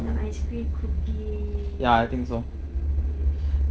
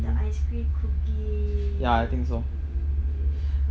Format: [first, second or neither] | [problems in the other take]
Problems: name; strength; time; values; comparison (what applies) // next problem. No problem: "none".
second | noise reduction (neural separator model SepFormer DNS4)